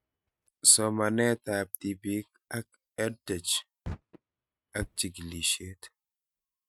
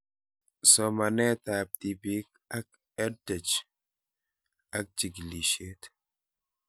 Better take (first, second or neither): second